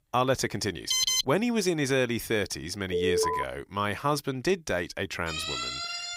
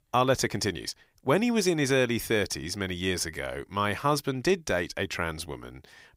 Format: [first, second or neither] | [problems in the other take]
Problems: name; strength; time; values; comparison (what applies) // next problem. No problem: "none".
second | alarm; loud; at 1 s and at 3 s; peak 6 dB above the speech // siren; noticeable; at 5.5 s; peak 2 dB below the speech